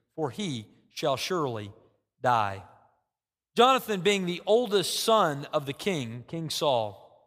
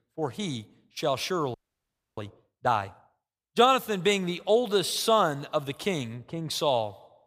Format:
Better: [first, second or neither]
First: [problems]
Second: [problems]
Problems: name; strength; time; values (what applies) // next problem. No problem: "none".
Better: first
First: none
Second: audio freezing; at 1.5 s for 0.5 s